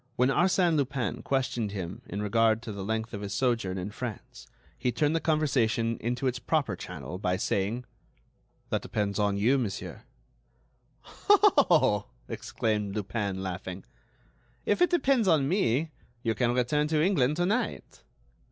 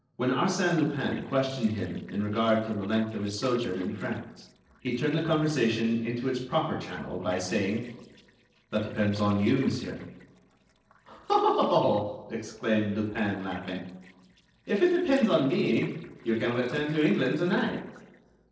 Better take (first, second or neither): first